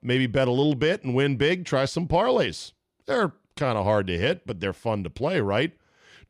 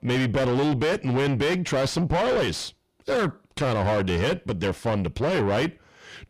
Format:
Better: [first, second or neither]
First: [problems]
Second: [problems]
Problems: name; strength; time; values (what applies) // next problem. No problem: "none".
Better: first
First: none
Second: distortion; heavy; 6 dB below the speech